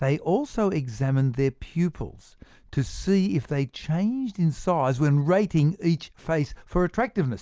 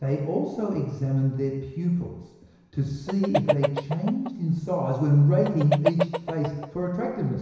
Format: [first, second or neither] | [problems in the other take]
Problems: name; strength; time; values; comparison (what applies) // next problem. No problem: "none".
first | background sound (Chicken, rooster); 5 dB below the speech // room echo; dies away in 1 s